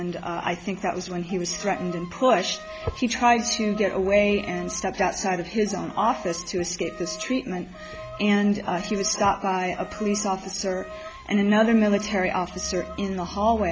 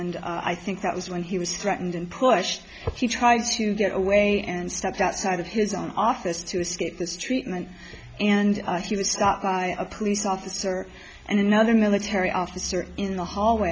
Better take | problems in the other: second | background sound (Bowed string instrument); 17 dB below the speech

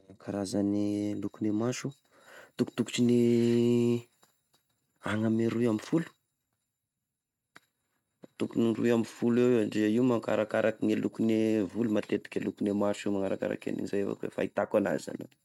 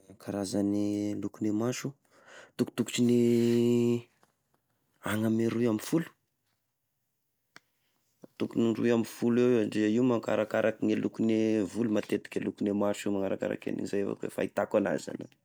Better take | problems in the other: second | noise reduction (neural mask model RNNoise)

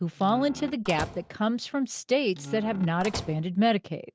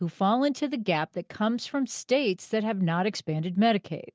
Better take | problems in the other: second | background sound (Squeak / Slam / Wood); 14 dB below the speech

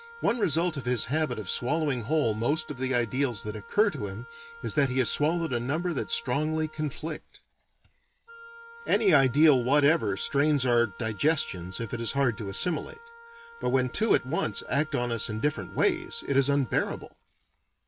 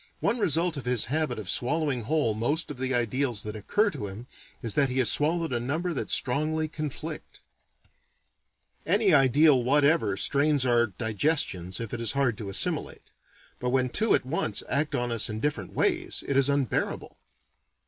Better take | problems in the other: second | background sound (Wind instrument, woodwind instrument); 19 dB below the speech

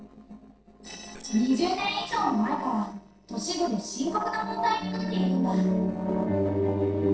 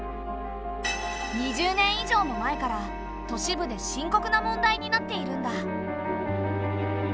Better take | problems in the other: second | noise reduction (neural separator model SepFormer DNS4)

